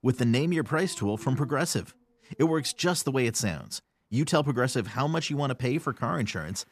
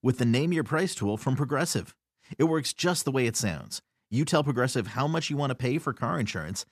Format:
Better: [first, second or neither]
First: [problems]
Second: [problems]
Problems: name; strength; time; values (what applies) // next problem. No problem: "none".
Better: second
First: animal sounds; faint; throughout; 25 dB below the speech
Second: none